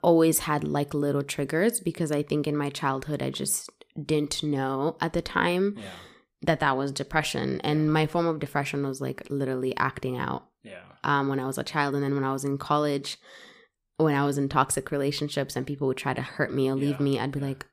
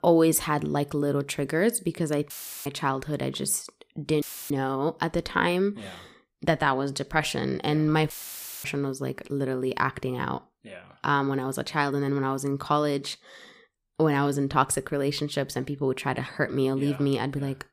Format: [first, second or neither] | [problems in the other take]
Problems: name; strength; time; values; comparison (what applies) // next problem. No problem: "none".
first | audio cutting out; filled with static; at 2.5 s, at 4 s and at 8 s for 0.5 s